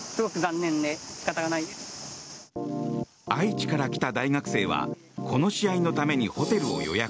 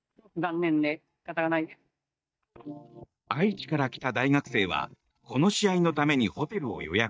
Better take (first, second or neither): first